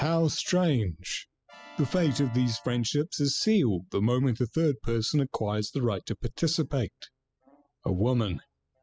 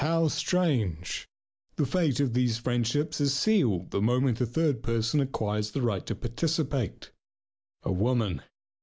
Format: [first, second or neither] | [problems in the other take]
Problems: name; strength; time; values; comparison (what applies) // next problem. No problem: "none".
second | noise reduction (classical method spectral subtraction)